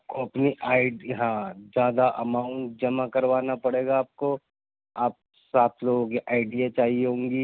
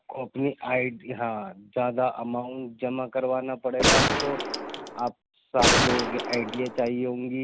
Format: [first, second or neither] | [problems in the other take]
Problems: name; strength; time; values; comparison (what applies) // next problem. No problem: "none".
first | background sound (Gunshot, gunfire); 4 dB above the speech